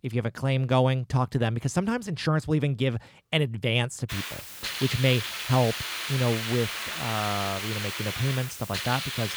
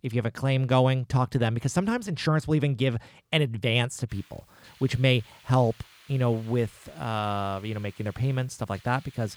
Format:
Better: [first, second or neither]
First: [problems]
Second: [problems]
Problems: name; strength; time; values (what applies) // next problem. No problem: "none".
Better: second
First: hiss; loud; from 4 s on; 4 dB below the speech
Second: hiss; faint; from 4 s on; 25 dB below the speech